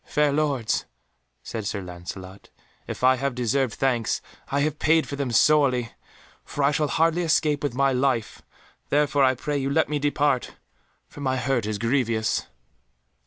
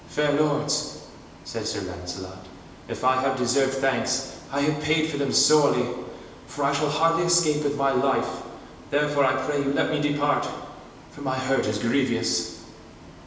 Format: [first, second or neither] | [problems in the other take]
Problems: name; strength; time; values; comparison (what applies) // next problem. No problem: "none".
first | background sound (Bus); 20 dB below the speech // room echo; dies away in 1 s